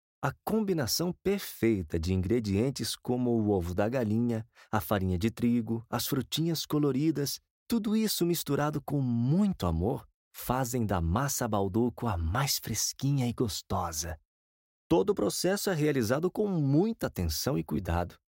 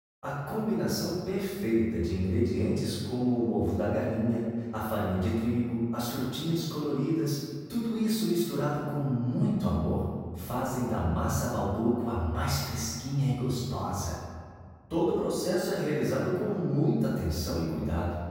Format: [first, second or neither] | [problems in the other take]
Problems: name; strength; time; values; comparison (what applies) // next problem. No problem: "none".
first | room echo; strong; dies away in 1.7 s // off-mic speech; far